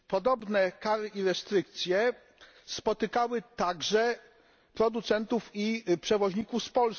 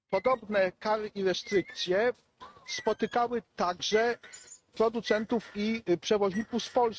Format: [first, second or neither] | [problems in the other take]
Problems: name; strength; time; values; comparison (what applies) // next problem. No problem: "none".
first | noise reduction (neural mask model RNNoise)